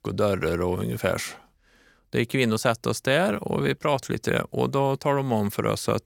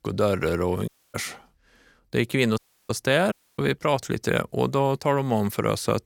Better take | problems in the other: first | audio cutting out; at 1 s, at 2.5 s and at 3.5 s

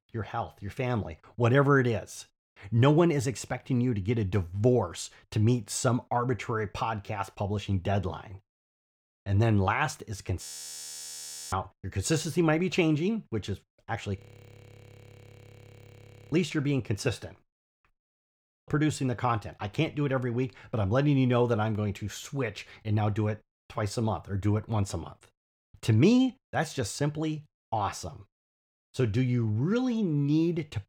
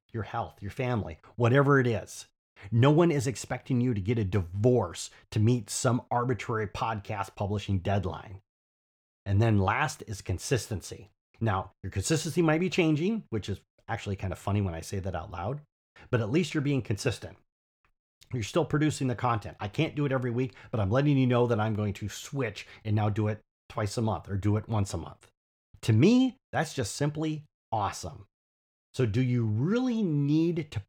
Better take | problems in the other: second | audio freezing; at 10 s for 1 s, at 14 s for 2 s and at 18 s

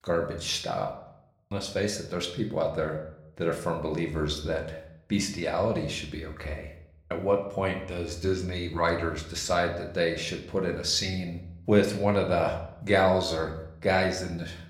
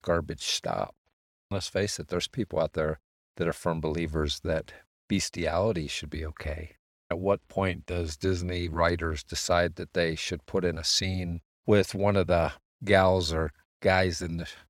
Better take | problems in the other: second | room echo; slight; dies away in 0.6 s

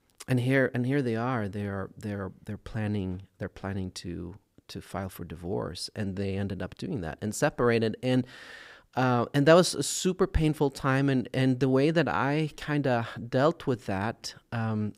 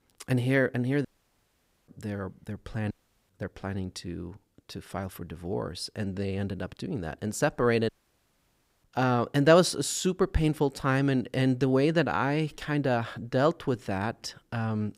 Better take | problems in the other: first | audio cutting out; at 1 s for 1 s, at 3 s and at 8 s for 1 s

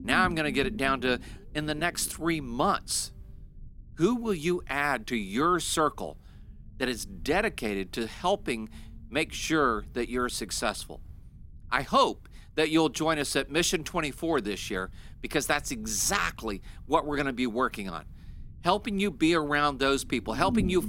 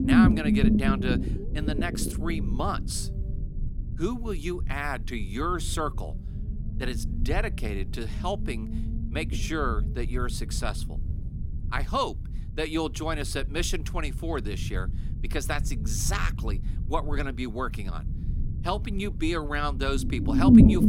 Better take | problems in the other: first | low rumble; loud; throughout; 1 dB below the speech; faint in the first

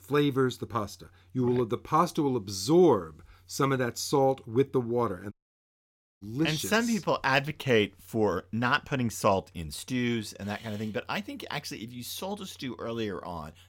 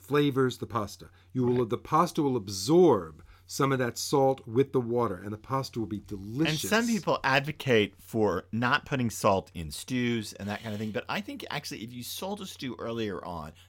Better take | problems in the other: second | audio cutting out; at 5.5 s for 1 s

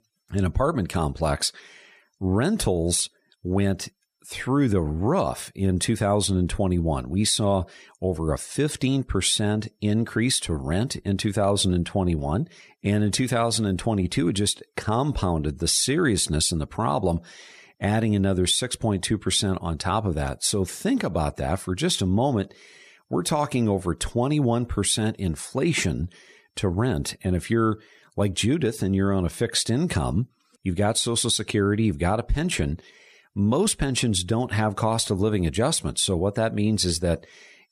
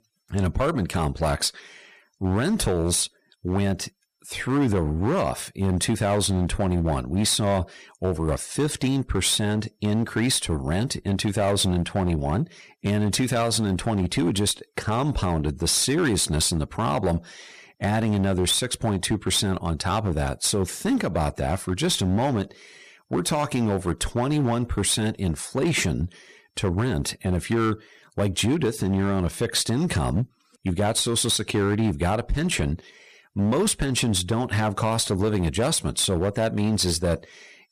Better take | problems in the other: first | distortion; slight; 10% of the sound clipped

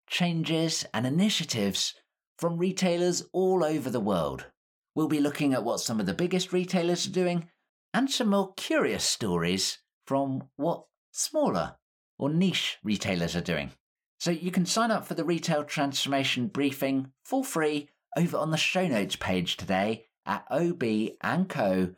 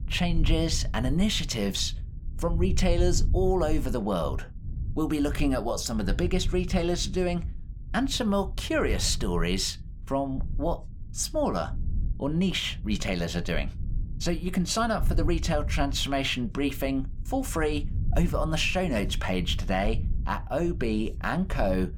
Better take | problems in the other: first | low rumble; faint; throughout; 20 dB below the speech

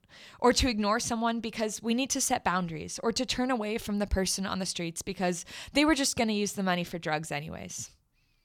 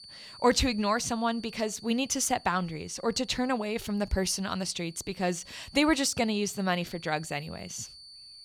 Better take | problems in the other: first | high-pitched whine; noticeable; throughout; 4.5 kHz, 20 dB below the speech

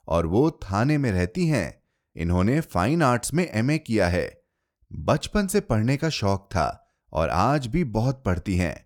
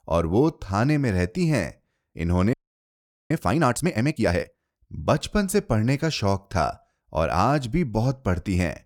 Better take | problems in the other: first | audio freezing; at 2.5 s for 1 s

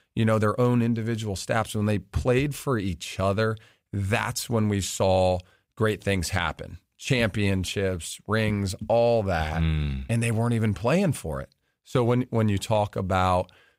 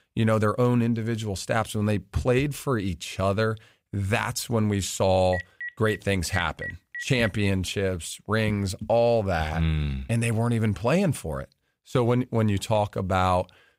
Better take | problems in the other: first | phone ringing; noticeable; from 5.5 to 7.5 s; peak 9 dB below the speech

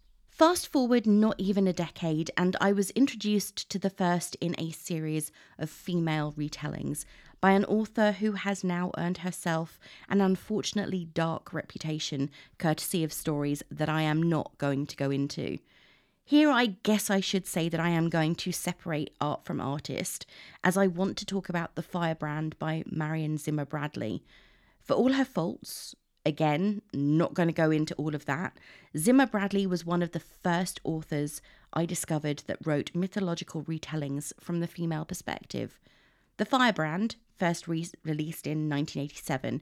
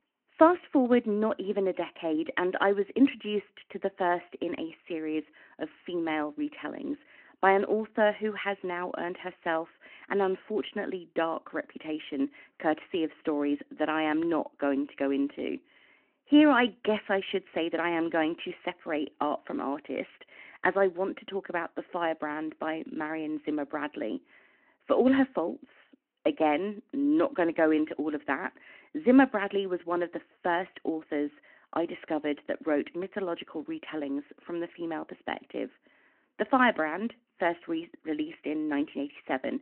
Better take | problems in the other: first | phone-call audio

